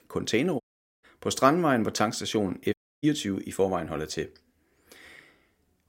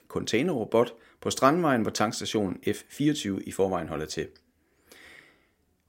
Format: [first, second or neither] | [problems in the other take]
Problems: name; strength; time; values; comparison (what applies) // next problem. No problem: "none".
second | audio cutting out; at 0.5 s and at 2.5 s